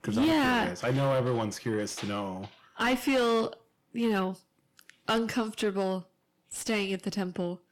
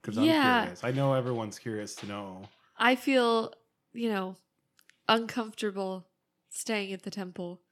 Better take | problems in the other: second | distortion; heavy; 6 dB below the speech

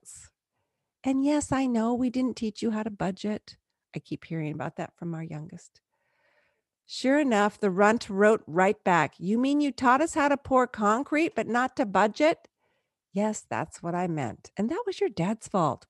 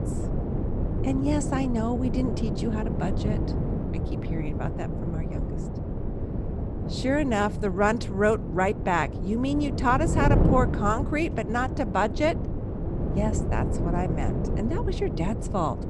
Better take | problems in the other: first | wind noise on the microphone; heavy; 8 dB below the speech

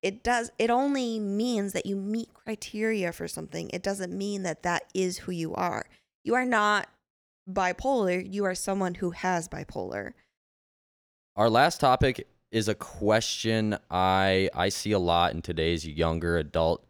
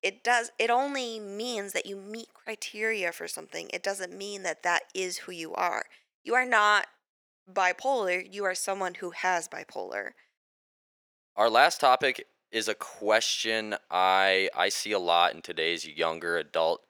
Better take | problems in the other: first | thin; somewhat; fading below 500 Hz

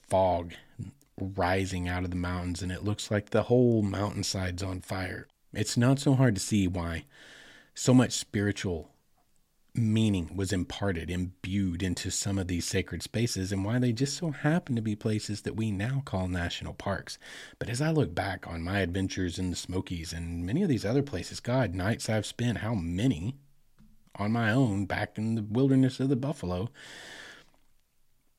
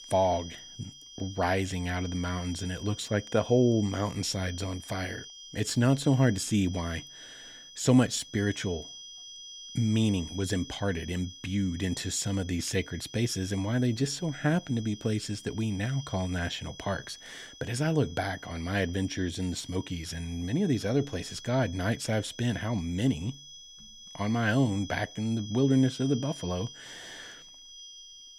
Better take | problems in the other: first | high-pitched whine; noticeable; throughout; 3 kHz, 15 dB below the speech

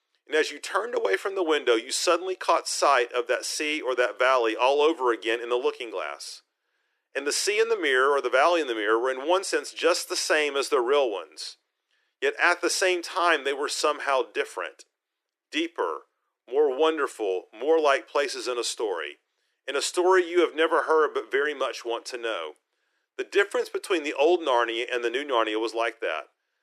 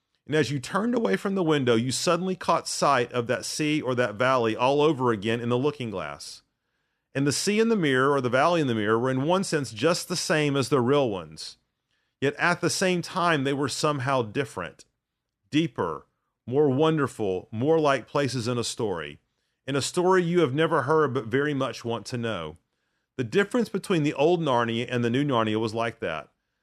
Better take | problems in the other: second | thin; very; fading below 350 Hz

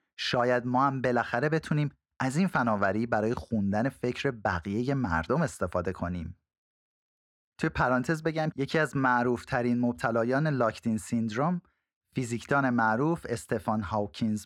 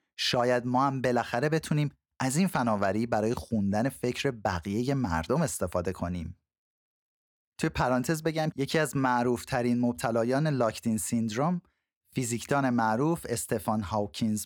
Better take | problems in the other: second | muffled; very slightly; fading above 1.5 kHz

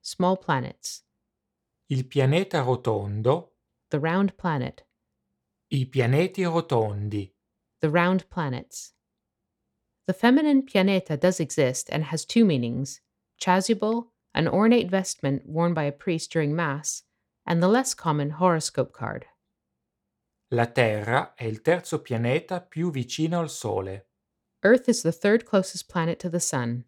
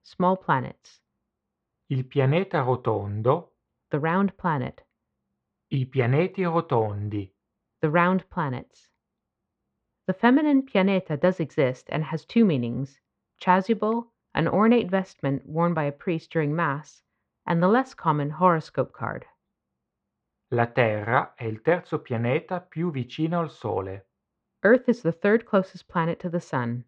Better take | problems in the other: first | muffled; very; fading above 3 kHz

